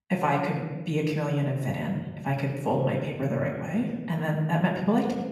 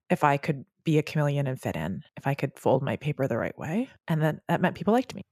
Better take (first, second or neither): second